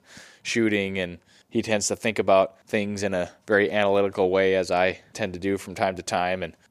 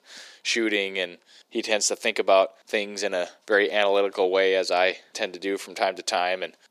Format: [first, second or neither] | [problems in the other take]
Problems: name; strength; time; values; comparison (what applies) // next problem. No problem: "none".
first | thin; somewhat; fading below 300 Hz